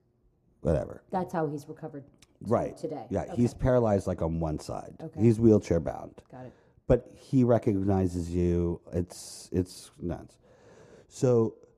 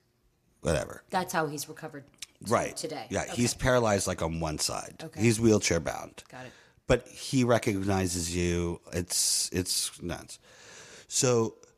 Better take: second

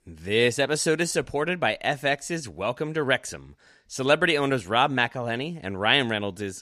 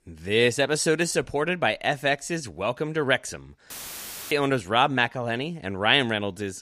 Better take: first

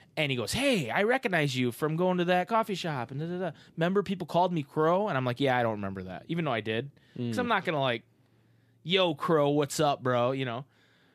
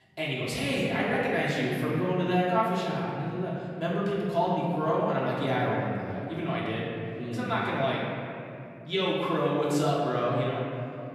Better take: first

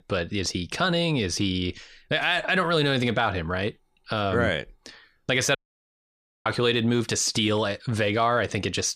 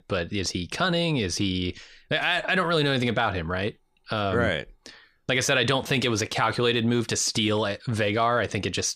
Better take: second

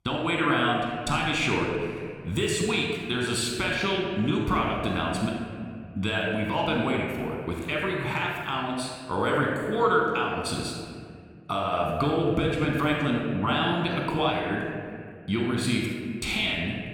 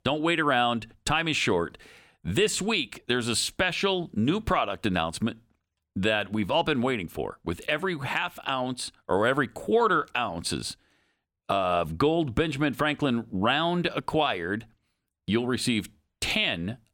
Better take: second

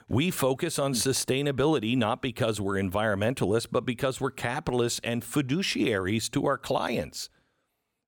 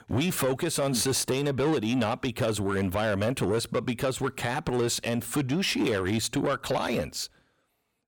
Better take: first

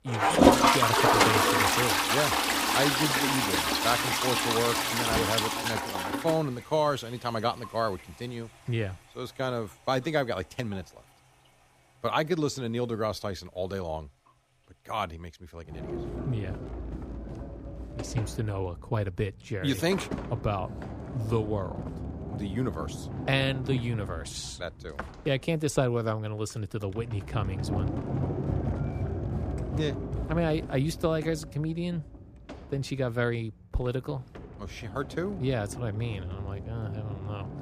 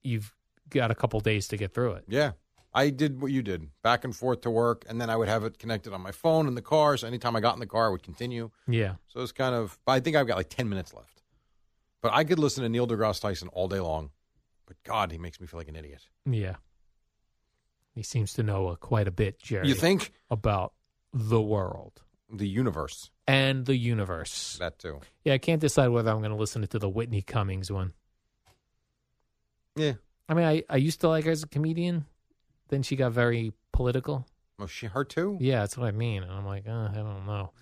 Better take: second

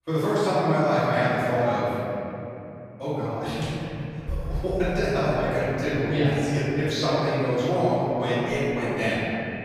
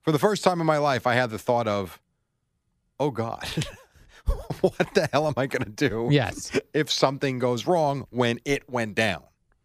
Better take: second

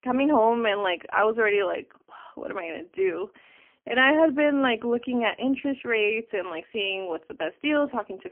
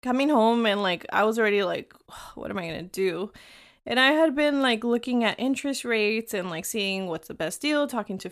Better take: second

